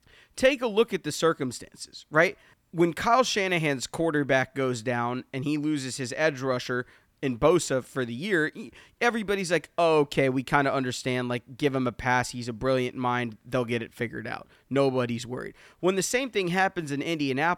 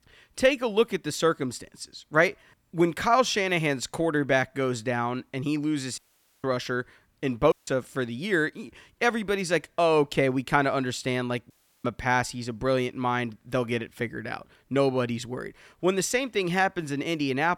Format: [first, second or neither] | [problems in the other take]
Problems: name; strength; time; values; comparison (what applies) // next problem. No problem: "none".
first | audio cutting out; at 6 s, at 7.5 s and at 12 s